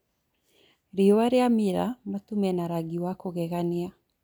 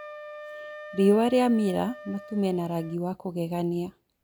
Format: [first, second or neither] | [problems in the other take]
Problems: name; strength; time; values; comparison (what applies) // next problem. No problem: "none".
first | background sound (Wind instrument, woodwind instrument); 17 dB below the speech